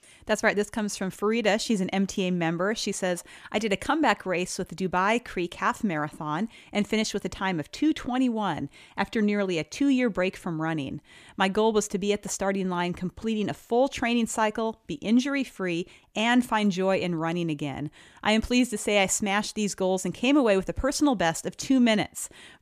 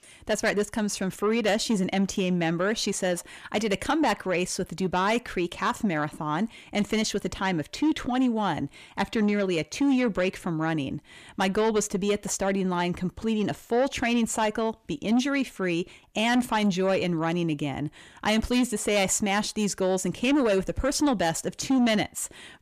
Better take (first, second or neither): first